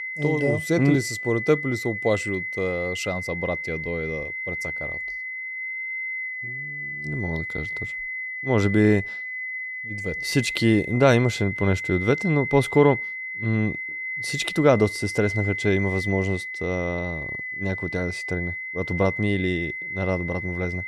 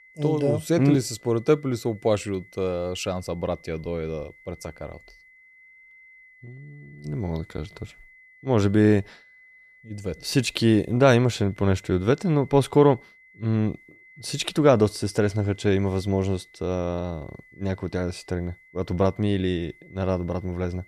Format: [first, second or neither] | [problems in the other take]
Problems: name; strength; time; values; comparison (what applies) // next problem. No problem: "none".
second | high-pitched whine; loud; throughout; 2 kHz, 5 dB below the speech; faint in the second